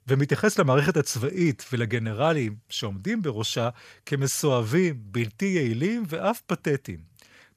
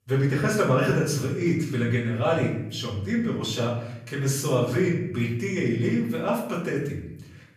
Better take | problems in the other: first | off-mic speech; far // room echo; noticeable; dies away in 0.7 s

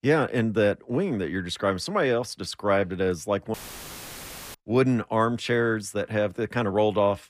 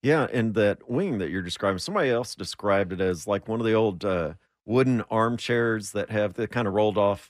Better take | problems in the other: second | audio cutting out; filled with static; at 3.5 s for 1 s

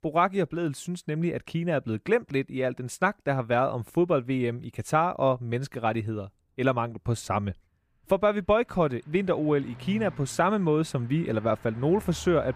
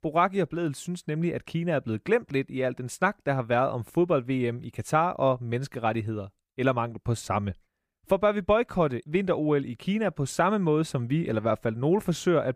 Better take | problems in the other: second | traffic noise; faint; throughout; 20 dB below the speech

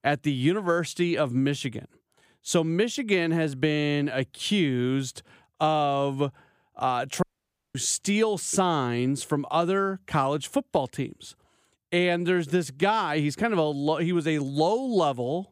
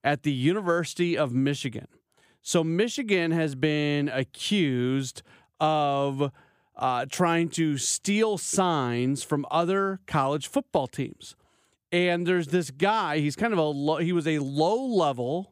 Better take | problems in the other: second | audio cutting out; at 7 s for 0.5 s

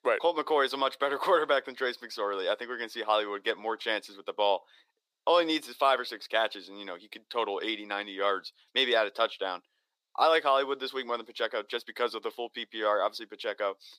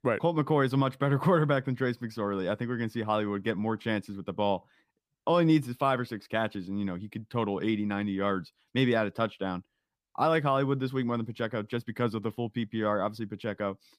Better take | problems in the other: second | thin; very; fading below 400 Hz

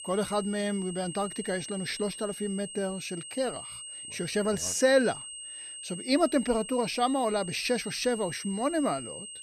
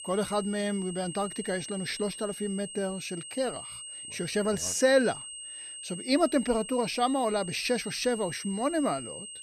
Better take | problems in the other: neither | high-pitched whine; loud; throughout; 8.5 kHz, 10 dB below the speech; the same in both

